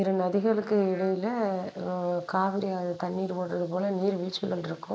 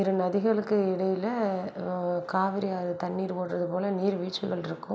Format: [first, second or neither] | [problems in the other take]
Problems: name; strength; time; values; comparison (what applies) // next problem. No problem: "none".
second | noise reduction (neural mask model Resemble Enhance denoiser)